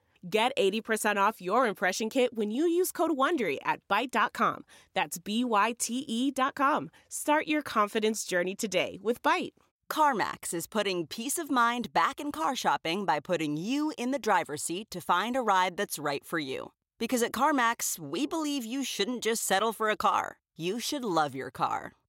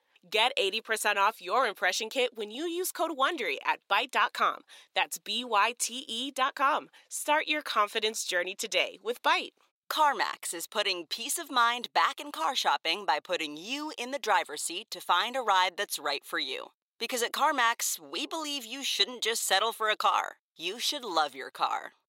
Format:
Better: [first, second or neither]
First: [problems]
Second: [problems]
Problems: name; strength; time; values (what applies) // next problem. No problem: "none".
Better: first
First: none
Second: thin; somewhat; fading below 500 Hz